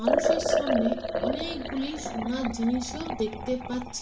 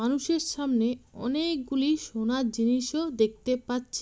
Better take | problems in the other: second | background sound (Liquid); 1 dB above the speech // room echo; dies away in 0.3 s

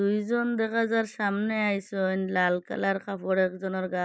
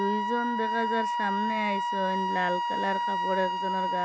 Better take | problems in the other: first | background sound (Wind instrument, woodwind instrument); 3 dB above the speech

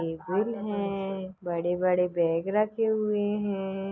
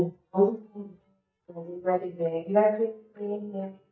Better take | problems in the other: first | noise reduction (neural mask model DeepFilterNet 3)

